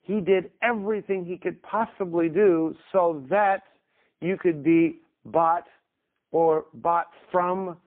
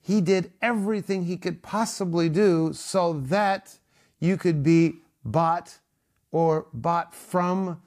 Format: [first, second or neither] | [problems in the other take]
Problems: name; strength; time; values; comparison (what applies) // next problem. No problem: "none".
second | phone-call audio; poor line